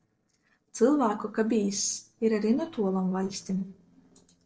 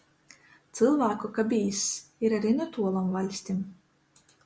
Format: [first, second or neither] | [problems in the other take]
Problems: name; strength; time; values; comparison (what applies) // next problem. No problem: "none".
second | noise reduction (neural separator model SepFormer DNS4)